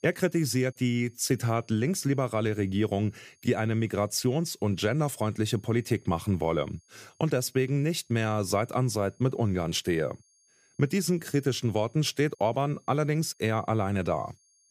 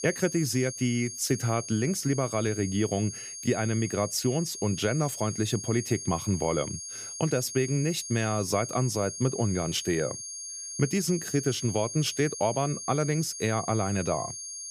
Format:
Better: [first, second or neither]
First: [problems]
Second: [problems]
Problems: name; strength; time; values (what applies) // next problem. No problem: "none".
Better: first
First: high-pitched whine; faint; throughout; 6.5 kHz, 35 dB below the speech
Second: high-pitched whine; loud; throughout; 6.5 kHz, 8 dB below the speech